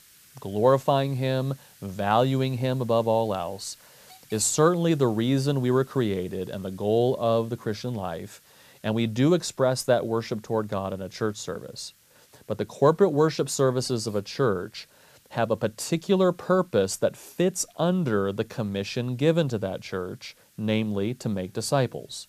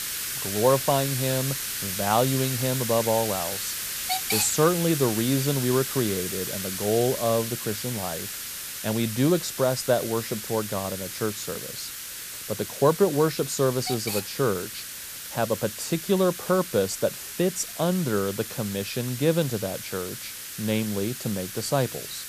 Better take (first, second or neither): first